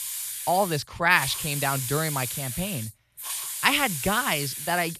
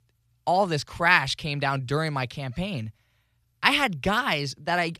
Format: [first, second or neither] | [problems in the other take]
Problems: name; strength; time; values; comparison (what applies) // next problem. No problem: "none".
second | hiss; loud; throughout; 5 dB below the speech